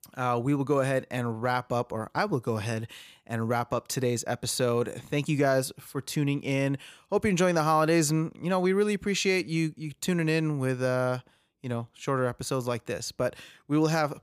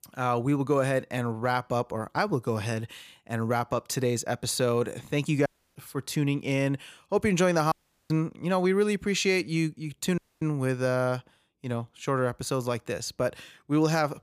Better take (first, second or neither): first